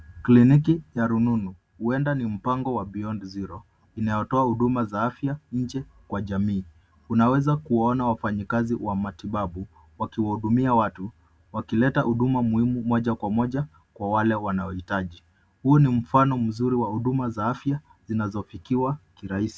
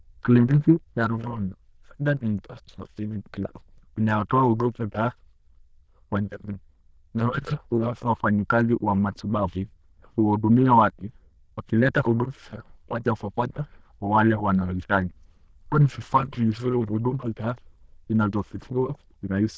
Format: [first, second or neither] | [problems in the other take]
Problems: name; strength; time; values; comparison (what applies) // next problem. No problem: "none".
first | noise reduction (neural diffusion model UNIVERSE++)